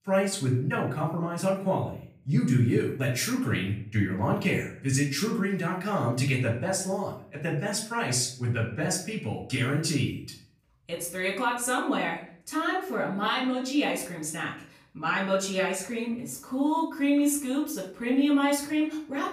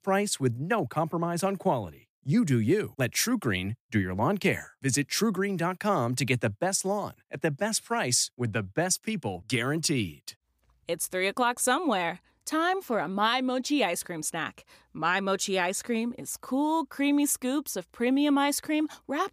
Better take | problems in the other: second | off-mic speech; far // room echo; slight; dies away in 0.4 s

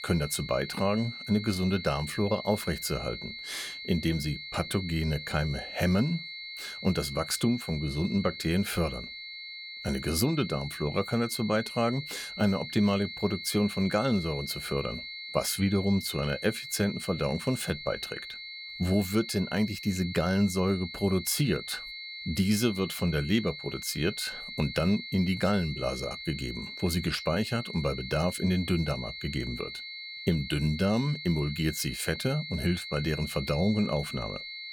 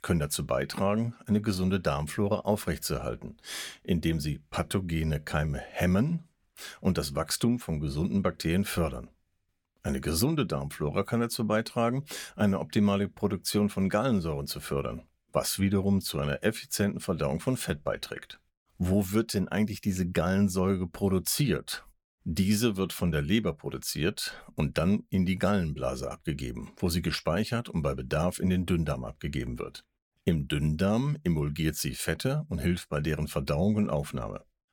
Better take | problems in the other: second | high-pitched whine; loud; throughout; 2 kHz, 9 dB below the speech

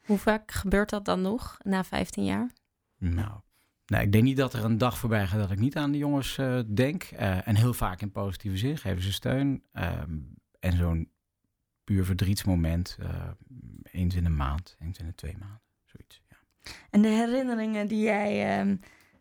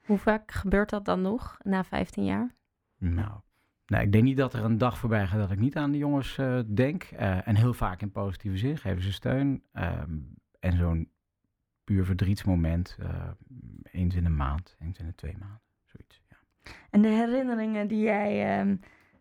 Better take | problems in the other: first | muffled; slightly; fading above 3.5 kHz

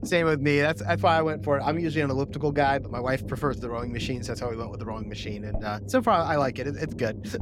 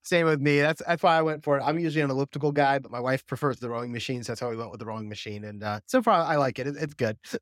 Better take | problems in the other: second | low rumble; noticeable; throughout; 20 dB below the speech

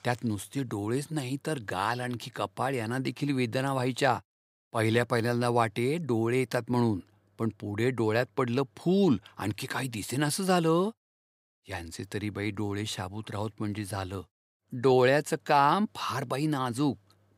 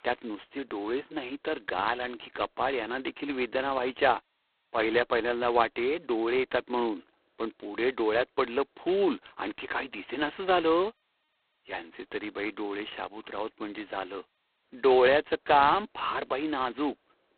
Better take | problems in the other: first | phone-call audio; poor line; nothing above 4 kHz

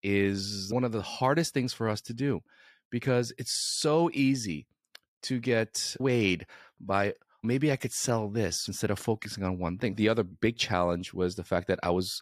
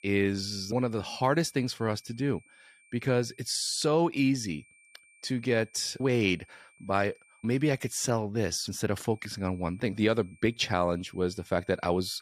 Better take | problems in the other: first | high-pitched whine; faint; until 3.5 s, from 4.5 to 8 s and from 9 s on; 2.5 kHz, 30 dB below the speech

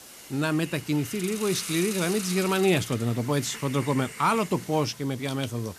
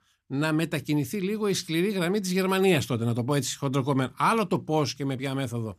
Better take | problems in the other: second | hiss; noticeable; throughout; 10 dB below the speech

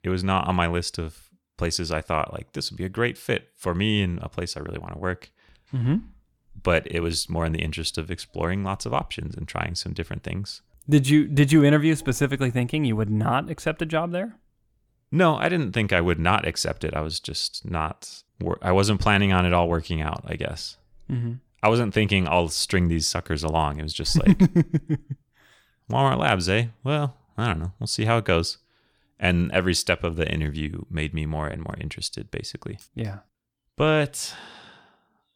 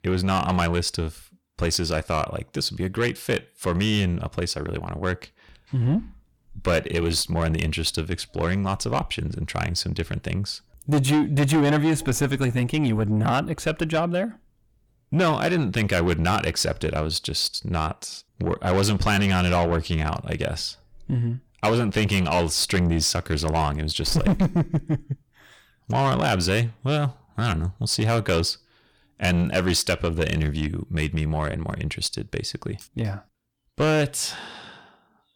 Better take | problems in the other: first | distortion; heavy; 8 dB below the speech

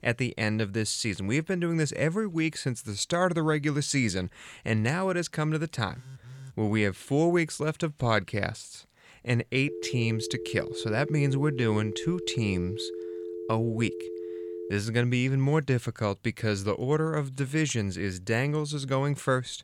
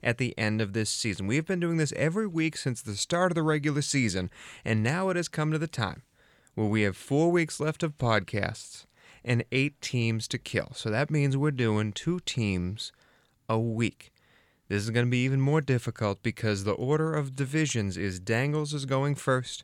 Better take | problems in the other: second | phone ringing; faint; at 6 s; peak 15 dB below the speech // phone ringing; noticeable; from 9.5 to 15 s; peak 9 dB below the speech

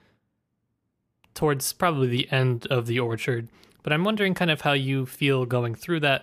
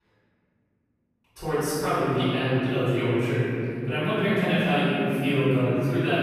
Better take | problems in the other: first | room echo; strong; dies away in 3 s // off-mic speech; far

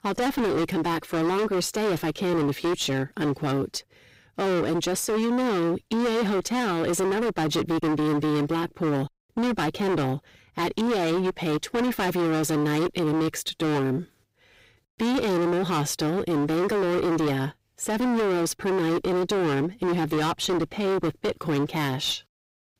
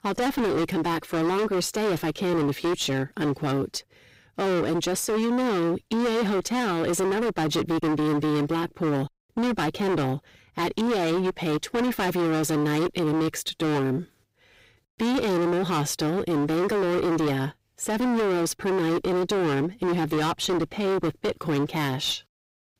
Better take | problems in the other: neither | distortion; heavy; 35% of the sound clipped; the same in both

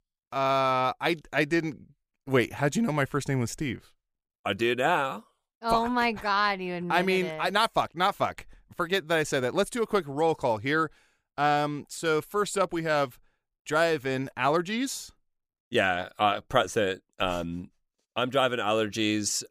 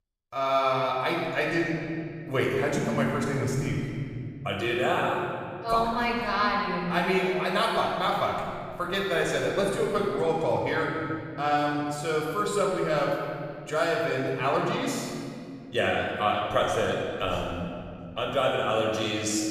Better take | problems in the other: first | off-mic speech; far // room echo; noticeable; dies away in 2.4 s

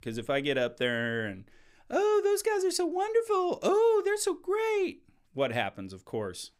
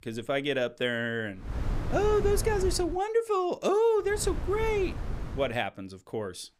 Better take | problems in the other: first | wind noise on the microphone; occasional gusts; from 1.5 to 3 s and from 4 to 5.5 s; 15 dB below the speech

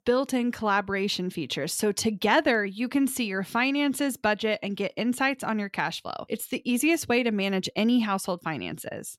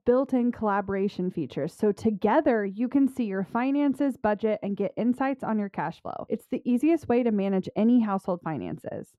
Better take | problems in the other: first | muffled; very; fading above 2 kHz

